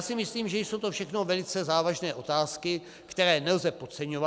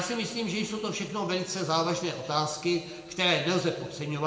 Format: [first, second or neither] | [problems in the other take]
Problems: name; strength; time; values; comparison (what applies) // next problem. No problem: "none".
first | room echo; dies away in 1.4 s